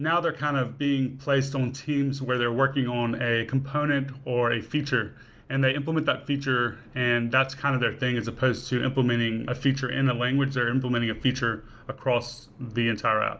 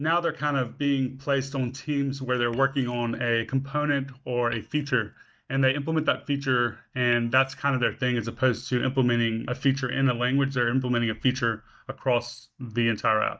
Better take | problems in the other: first | noise reduction (neural mask model DeepFilterNet 3)

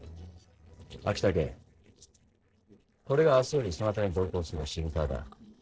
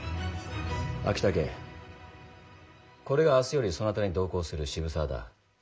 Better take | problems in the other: second | noise reduction (neural separator model SepFormer DNS4)

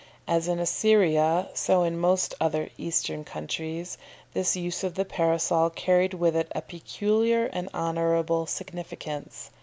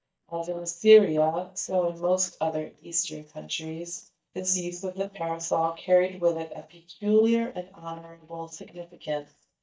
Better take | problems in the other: first | noise reduction (neural mask model DeepFilterNet 3)

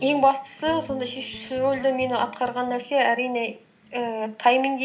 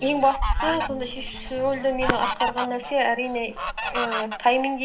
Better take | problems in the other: first | background sound (Fowl); 4 dB below the speech

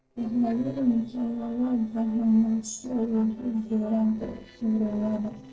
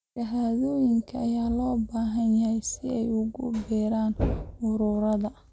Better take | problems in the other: second | noise reduction (neural separator model SepFormer DNS4)

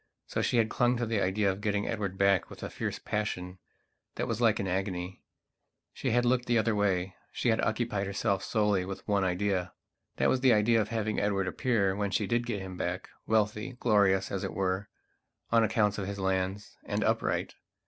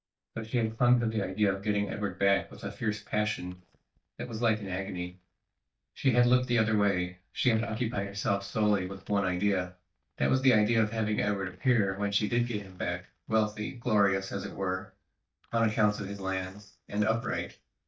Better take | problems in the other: first | noise reduction (neural mask model DeepFilterNet 3)

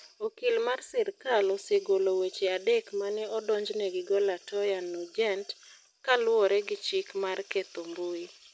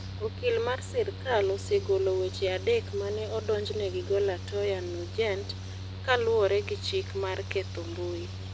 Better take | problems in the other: first | background sound (Mechanical fan); 8 dB below the speech

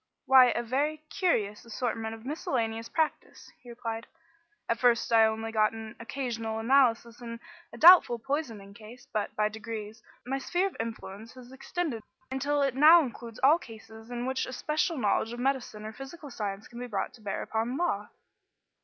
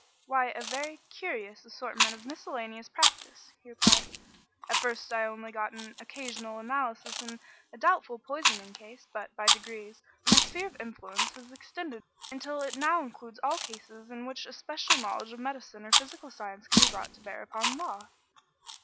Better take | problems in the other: first | background sound (Chewing, mastication); 3 dB above the speech

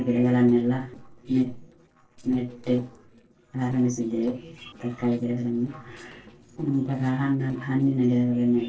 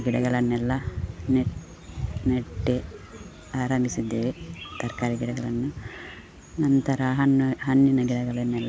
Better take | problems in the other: second | noise reduction (neural separator model SepFormer DNS4)

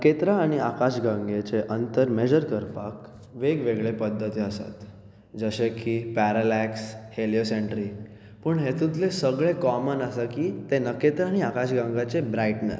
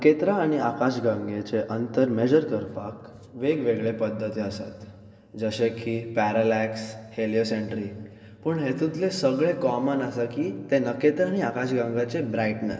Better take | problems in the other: first | room echo; dies away in 1.8 s

